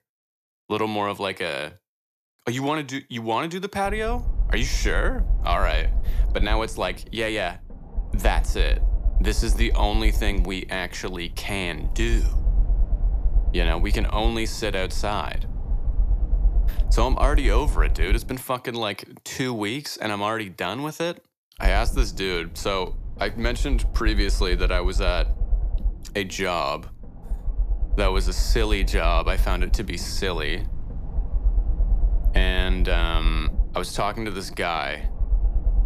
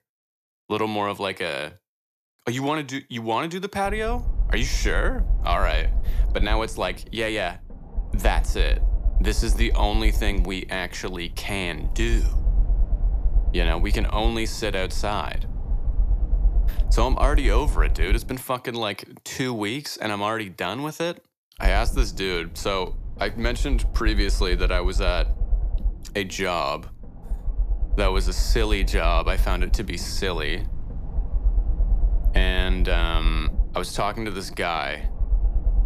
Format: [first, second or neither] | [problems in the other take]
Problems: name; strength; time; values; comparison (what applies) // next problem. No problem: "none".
neither | low rumble; noticeable; from 4 to 18 s and from 22 s on; 20 dB below the speech; the same in both